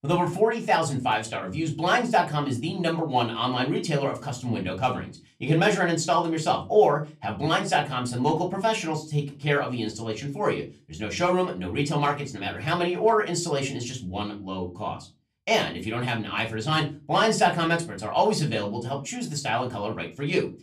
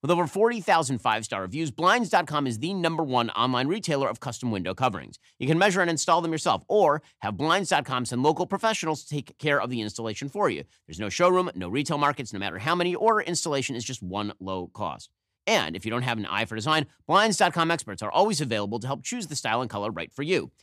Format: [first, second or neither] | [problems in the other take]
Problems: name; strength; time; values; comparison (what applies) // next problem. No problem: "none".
second | off-mic speech; far // room echo; very slight; dies away in 0.3 s